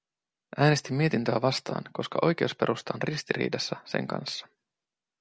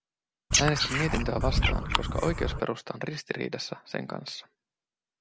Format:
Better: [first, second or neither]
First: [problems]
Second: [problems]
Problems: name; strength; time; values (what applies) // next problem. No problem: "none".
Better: first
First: none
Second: background sound (Frog); 5 dB above the speech